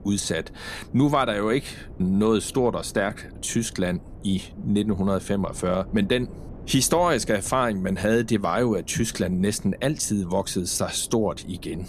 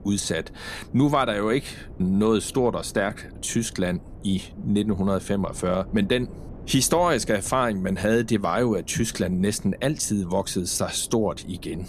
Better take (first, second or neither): neither